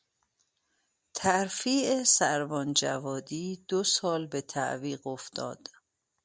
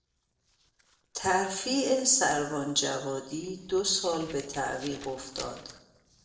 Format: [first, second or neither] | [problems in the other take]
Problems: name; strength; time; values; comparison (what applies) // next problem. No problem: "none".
first | noise reduction (neural separator model SepFormer DNS4)